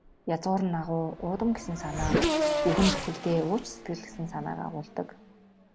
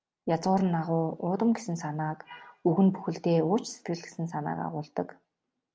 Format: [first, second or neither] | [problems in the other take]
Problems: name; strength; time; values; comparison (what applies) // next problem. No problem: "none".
second | background sound (Race car, auto racing / Accelerating, revving, vroom); 2 dB below the speech